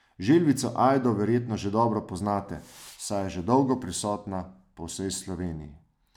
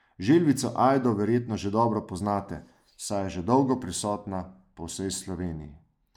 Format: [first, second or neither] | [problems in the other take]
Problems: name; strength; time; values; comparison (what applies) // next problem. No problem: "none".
first | noise reduction (neural mask model Resemble Enhance denoiser)